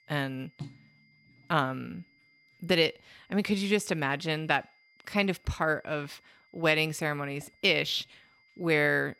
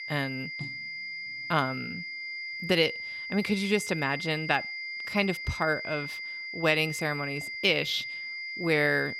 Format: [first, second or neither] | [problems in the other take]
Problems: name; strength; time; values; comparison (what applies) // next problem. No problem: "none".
first | high-pitched whine; loud; throughout; 2 kHz, 7 dB below the speech; faint in the first